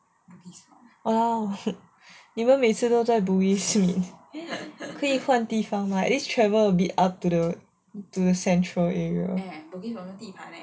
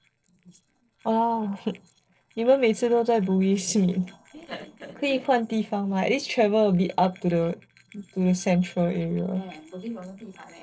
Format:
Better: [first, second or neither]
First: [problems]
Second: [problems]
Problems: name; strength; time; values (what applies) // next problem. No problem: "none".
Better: first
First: none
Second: noise reduction (neural separator model SepFormer DNS4)